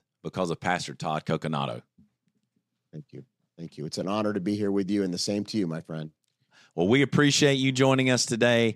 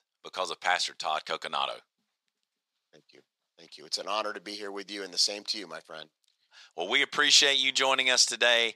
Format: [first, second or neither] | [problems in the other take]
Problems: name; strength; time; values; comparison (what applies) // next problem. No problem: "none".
first | thin; very; fading below 850 Hz